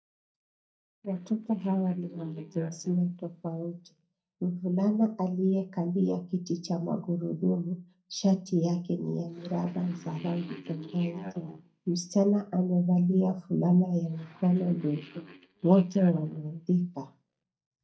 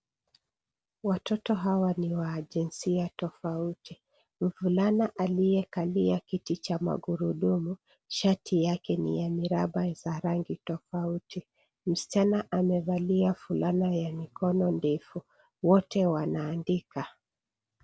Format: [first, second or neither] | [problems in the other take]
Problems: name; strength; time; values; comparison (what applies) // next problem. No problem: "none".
second | noise reduction (neural mask model DeepFilterNet 3)